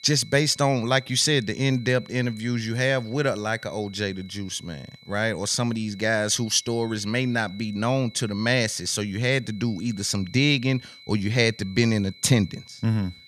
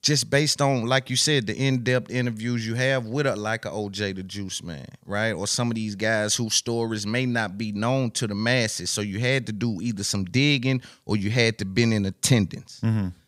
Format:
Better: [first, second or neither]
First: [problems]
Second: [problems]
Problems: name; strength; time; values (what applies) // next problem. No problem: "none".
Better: second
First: high-pitched whine; faint; throughout; 4 kHz, 20 dB below the speech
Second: none